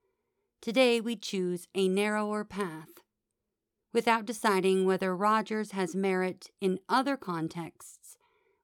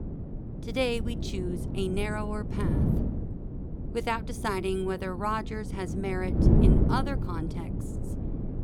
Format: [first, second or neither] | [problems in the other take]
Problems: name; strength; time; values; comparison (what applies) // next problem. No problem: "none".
first | wind noise on the microphone; heavy; 6 dB below the speech